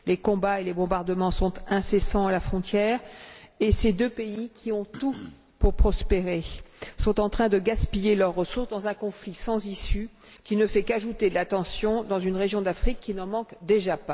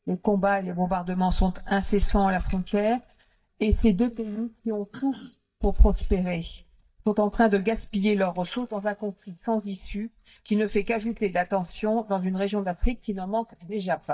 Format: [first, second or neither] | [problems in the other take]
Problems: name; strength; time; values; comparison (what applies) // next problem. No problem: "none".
first | noise reduction (neural mask model DeepFilterNet 3)